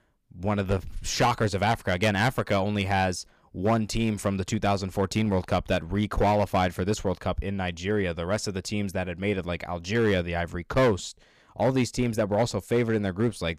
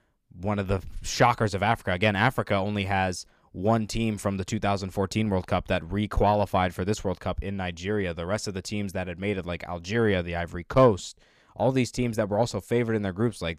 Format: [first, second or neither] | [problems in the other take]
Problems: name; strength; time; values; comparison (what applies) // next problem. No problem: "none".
second | distortion; slight; 4% of the sound clipped